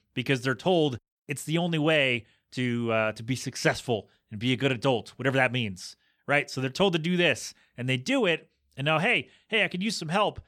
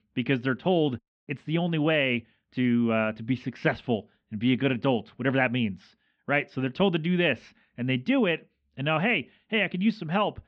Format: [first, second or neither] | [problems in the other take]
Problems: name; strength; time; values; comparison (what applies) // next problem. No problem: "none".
first | muffled; very; fading above 3 kHz